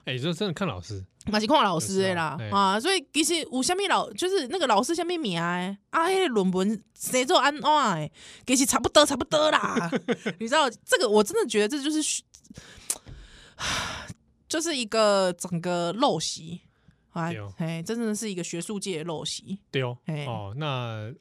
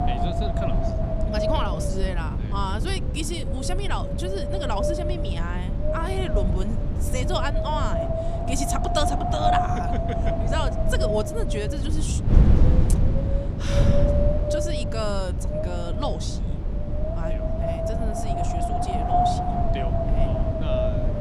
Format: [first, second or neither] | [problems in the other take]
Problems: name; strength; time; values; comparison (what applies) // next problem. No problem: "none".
first | wind noise on the microphone; heavy; 3 dB above the speech